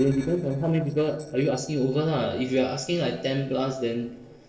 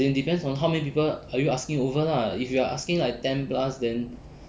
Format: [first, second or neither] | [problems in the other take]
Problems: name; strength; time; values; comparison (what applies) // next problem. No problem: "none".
second | noise reduction (neural separator model SepFormer DNS4)